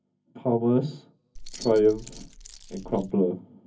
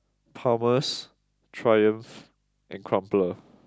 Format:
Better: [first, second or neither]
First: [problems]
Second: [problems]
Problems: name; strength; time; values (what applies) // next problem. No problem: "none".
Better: second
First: background sound (Keys jangling); 15 dB below the speech // room echo; dies away in 0.3 s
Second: none